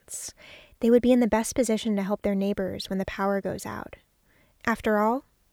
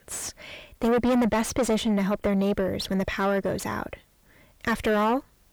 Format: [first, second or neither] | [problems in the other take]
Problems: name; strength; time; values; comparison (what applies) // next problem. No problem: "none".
first | distortion; heavy; 5 dB below the speech